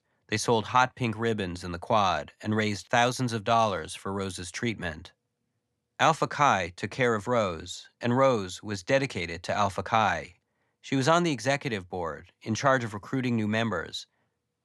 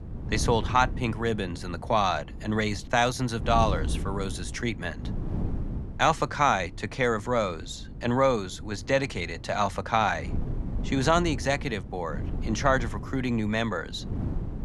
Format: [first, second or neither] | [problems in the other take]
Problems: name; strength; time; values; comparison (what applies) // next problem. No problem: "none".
first | wind noise on the microphone; occasional gusts; 20 dB below the speech